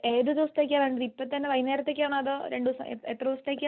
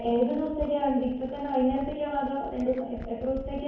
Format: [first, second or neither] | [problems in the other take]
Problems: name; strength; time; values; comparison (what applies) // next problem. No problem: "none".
first | background sound (Glass); 15 dB below the speech // room echo; dies away in 1 s